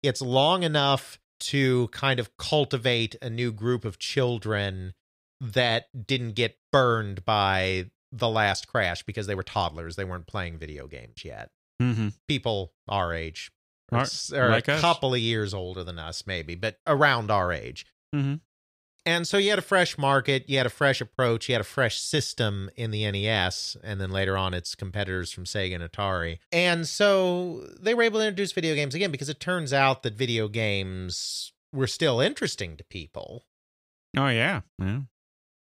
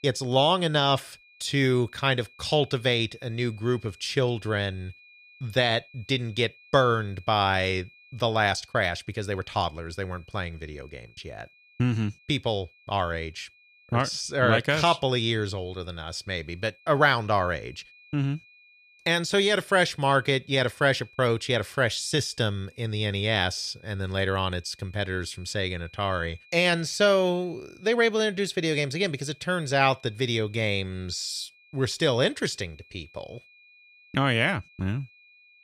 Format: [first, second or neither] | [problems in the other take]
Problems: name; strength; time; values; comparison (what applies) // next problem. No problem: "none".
first | high-pitched whine; faint; throughout; 2.5 kHz, 30 dB below the speech